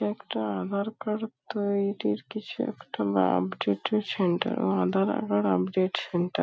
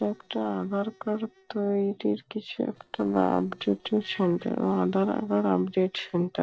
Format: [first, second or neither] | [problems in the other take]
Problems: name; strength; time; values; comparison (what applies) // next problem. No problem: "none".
first | noise reduction (neural separator model SepFormer DNS4)